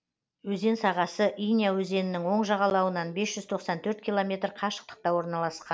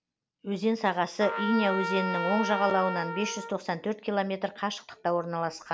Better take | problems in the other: first | background sound (Trumpet); 5 dB below the speech

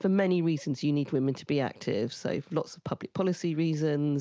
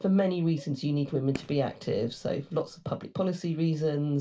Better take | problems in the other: first | background sound (Fireworks); 19 dB below the speech // room echo; dies away in 0.2 s

